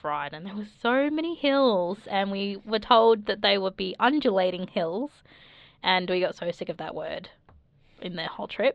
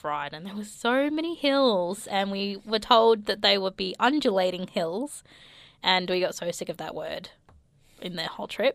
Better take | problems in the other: second | muffled; very slightly; fading above 3.5 kHz

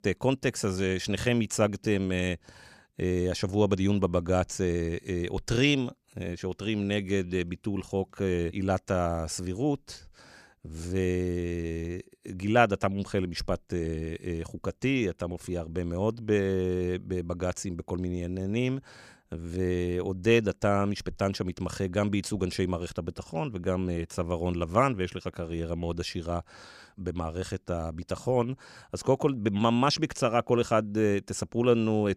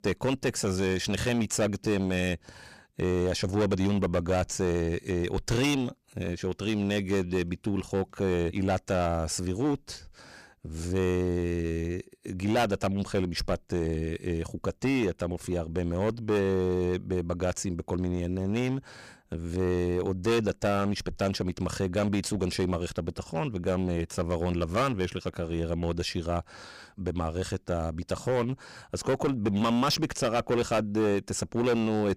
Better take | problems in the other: first | distortion; heavy; 9% of the sound clipped

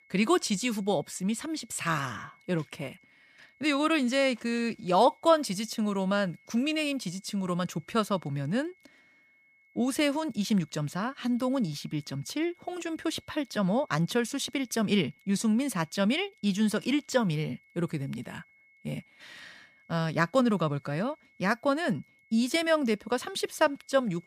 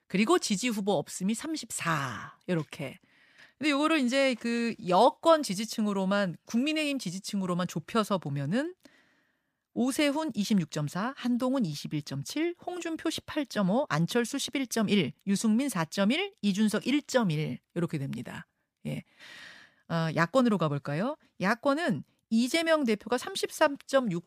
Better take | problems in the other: second | high-pitched whine; faint; throughout; 2 kHz, 30 dB below the speech

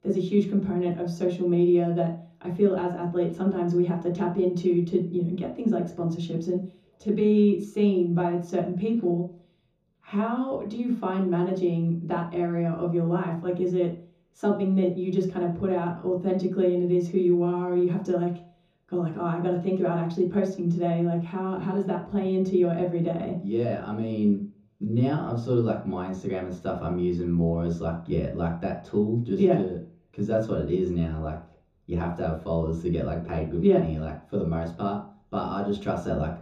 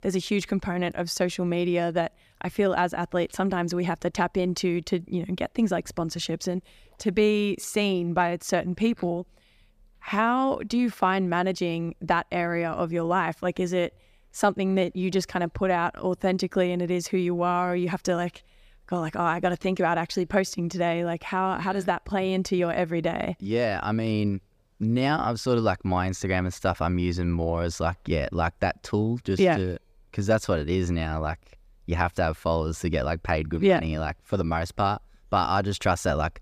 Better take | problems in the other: second | room echo; noticeable; dies away in 0.6 s // off-mic speech; far

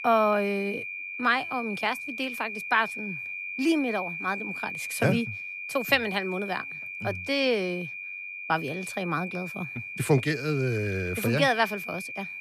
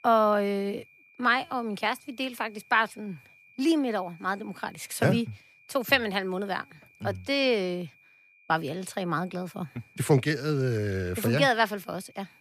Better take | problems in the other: second | high-pitched whine; loud; throughout; 2.5 kHz, 6 dB below the speech; faint in the second

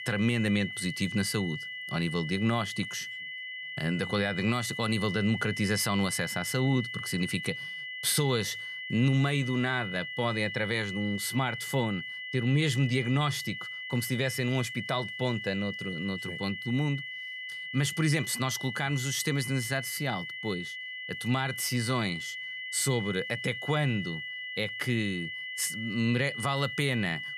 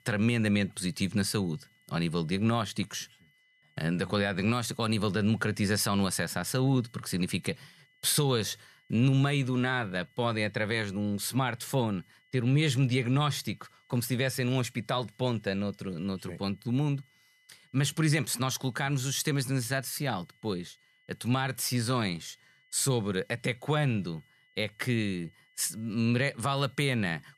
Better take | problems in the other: second | high-pitched whine; loud; throughout; 2 kHz, 6 dB below the speech; faint in the second

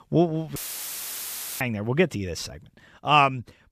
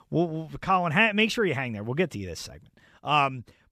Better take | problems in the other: second | audio cutting out; filled with static; at 0.5 s for 1 s

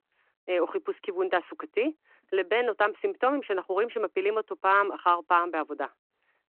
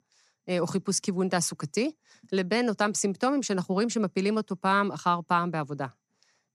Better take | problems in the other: second | phone-call audio

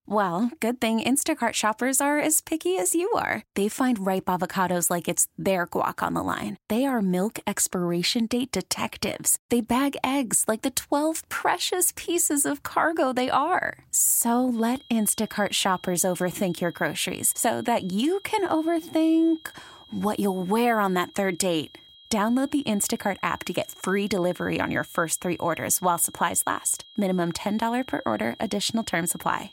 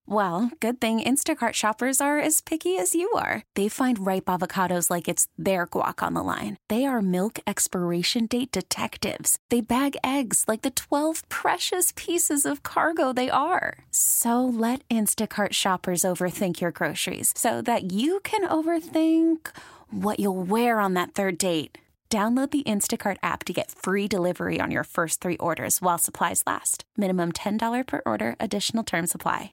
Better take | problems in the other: second | high-pitched whine; faint; from 15 s on; 3.5 kHz, 25 dB below the speech

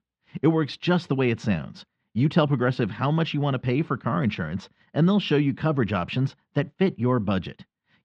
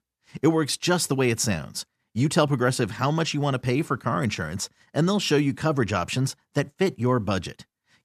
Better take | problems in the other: second | muffled; slightly; fading above 3.5 kHz

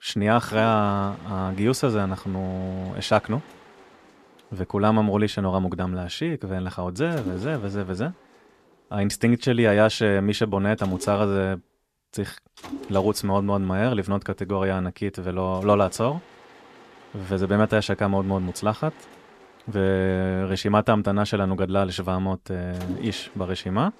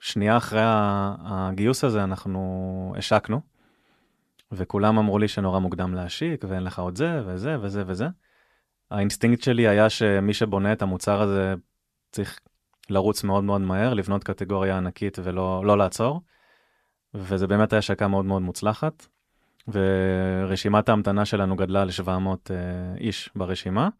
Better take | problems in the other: second | machinery noise; noticeable; throughout; 20 dB below the speech

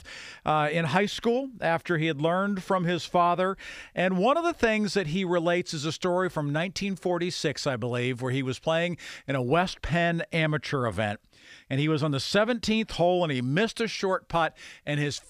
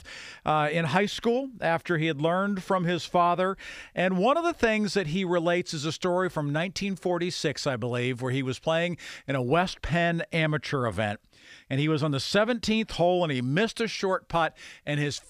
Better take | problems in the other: neither | none

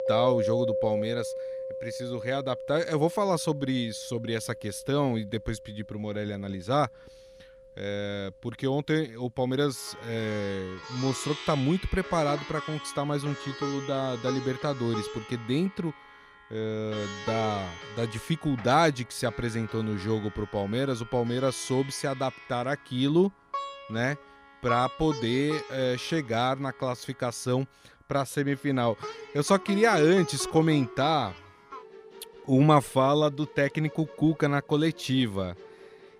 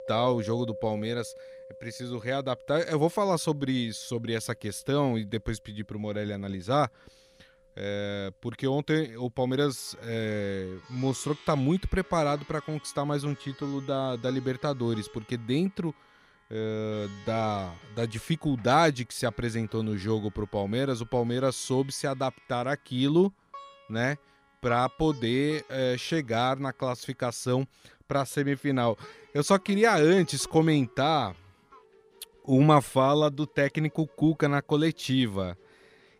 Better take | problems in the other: second | background music; loud; throughout; 10 dB below the speech; faint in the second

